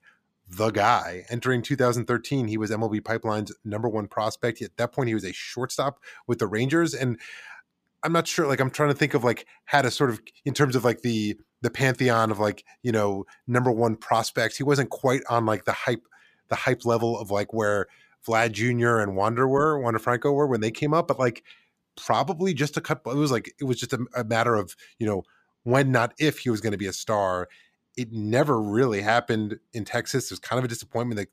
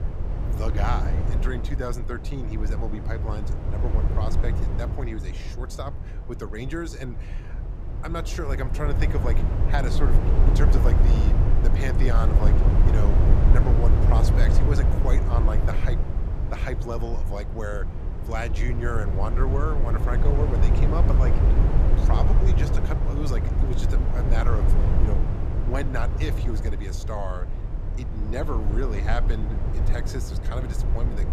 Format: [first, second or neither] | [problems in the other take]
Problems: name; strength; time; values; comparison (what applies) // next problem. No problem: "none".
first | low rumble; loud; throughout; 2 dB below the speech